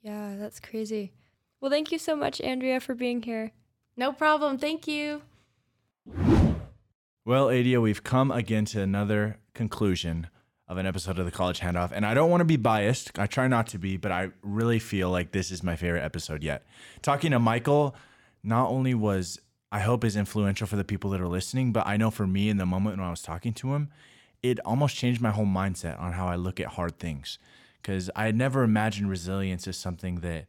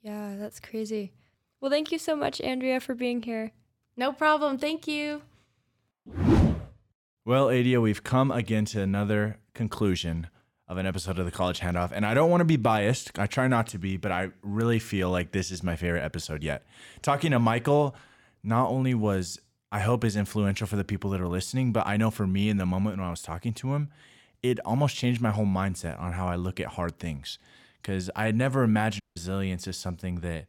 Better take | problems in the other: first | audio cutting out; at 29 s

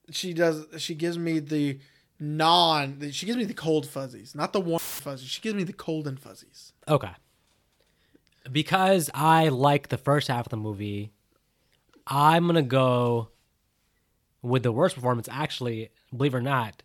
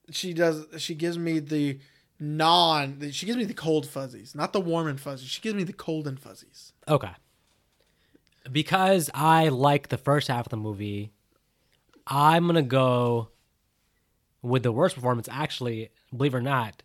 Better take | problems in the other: second | audio cutting out; filled with static; at 5 s

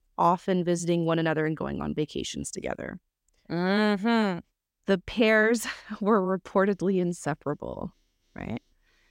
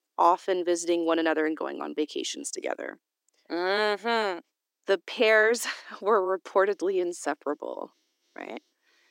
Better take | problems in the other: first | thin; very; fading below 300 Hz

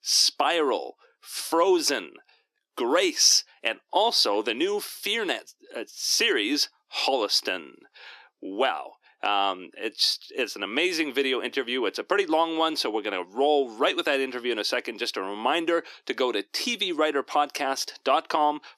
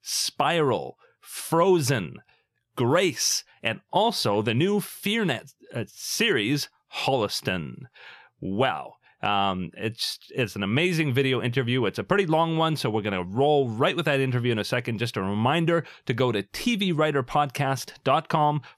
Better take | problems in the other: second | thin; somewhat; fading below 300 Hz

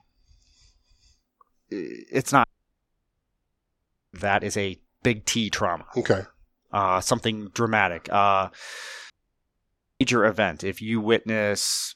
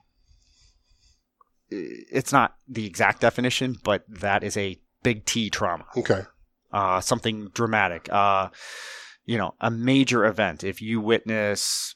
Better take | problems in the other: second | audio cutting out; at 2.5 s for 1.5 s and at 9 s for 1 s

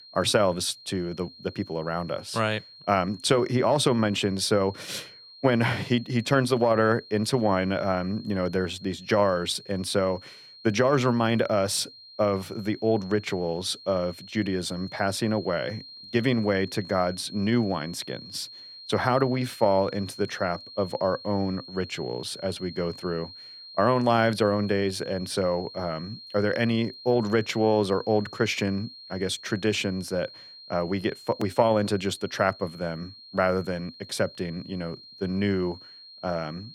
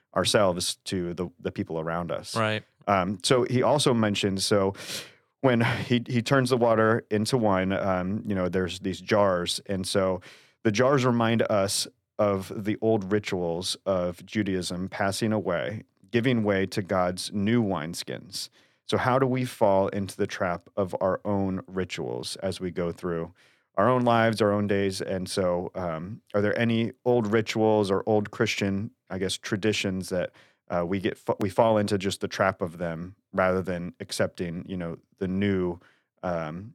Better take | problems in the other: second | high-pitched whine; noticeable; throughout; 4 kHz, 15 dB below the speech

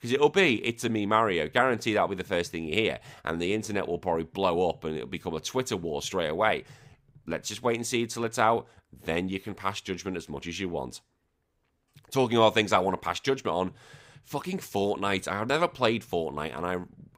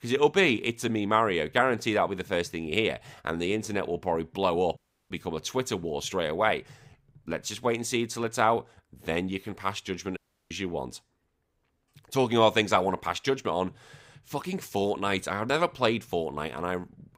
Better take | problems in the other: first | audio cutting out; at 5 s and at 10 s

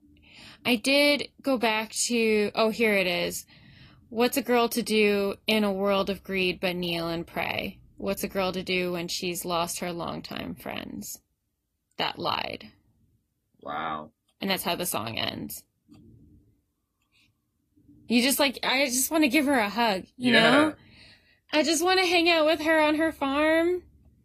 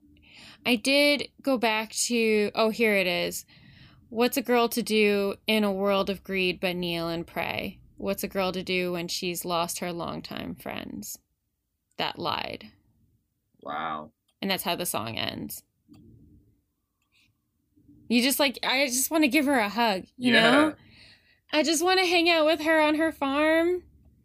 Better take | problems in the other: second | garbled, watery; slightly; nothing above 14.5 kHz

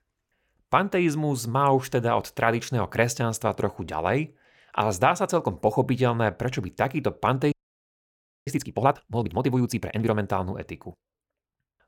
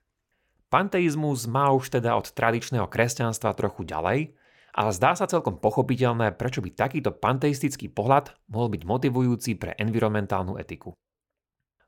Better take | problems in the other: second | audio freezing; at 7.5 s for 1 s

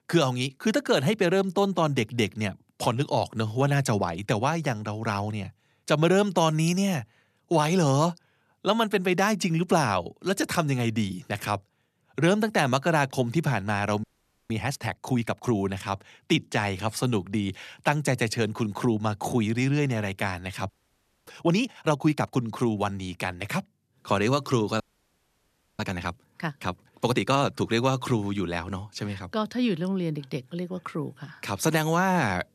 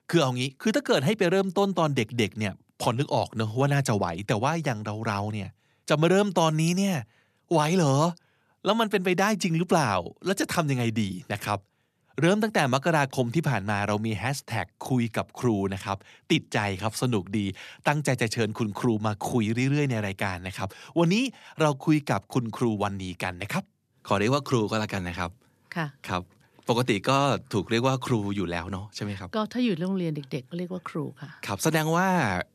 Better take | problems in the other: second | audio freezing; at 14 s, at 21 s for 0.5 s and at 25 s for 1 s

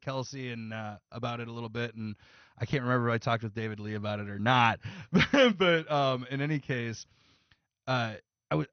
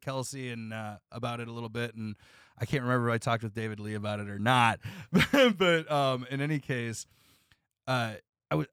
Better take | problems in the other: second | garbled, watery; slightly; nothing above 6 kHz

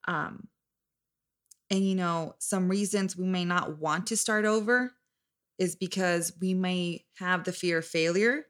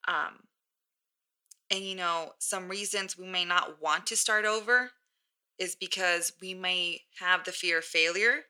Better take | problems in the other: first | thin; very; fading below 600 Hz

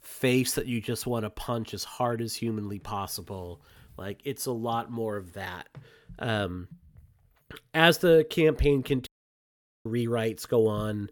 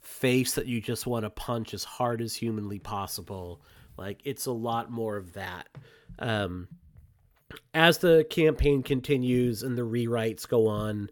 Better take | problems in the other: second | audio cutting out; at 9 s for 1 s

